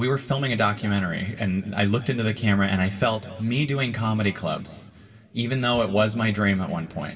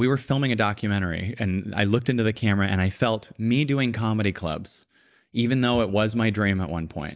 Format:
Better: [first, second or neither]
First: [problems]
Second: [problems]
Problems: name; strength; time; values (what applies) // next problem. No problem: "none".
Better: second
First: room echo; dies away in 2.1 s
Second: none